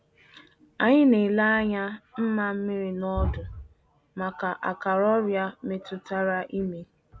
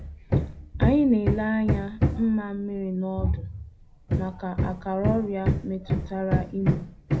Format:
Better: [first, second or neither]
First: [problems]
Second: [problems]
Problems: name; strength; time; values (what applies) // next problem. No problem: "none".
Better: first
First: none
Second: background sound (Hammer); as loud as the speech // room echo; dies away in 0.4 s